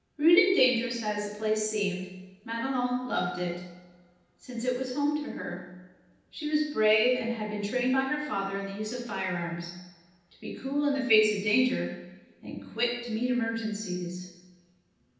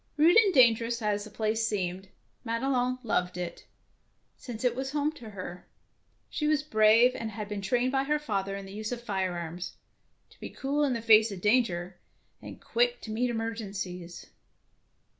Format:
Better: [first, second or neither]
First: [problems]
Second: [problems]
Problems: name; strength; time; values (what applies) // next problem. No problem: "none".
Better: second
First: room echo; dies away in 0.9 s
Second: none